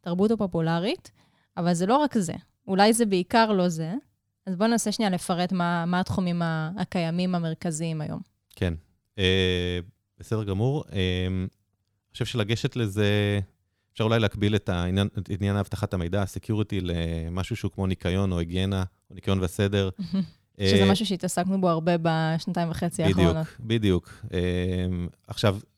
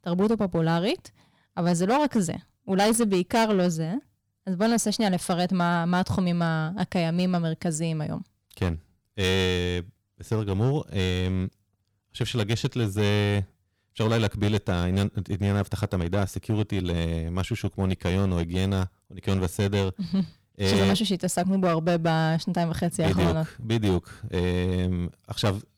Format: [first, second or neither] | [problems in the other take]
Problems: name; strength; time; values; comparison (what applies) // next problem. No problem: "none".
first | distortion; slight; 7% of the sound clipped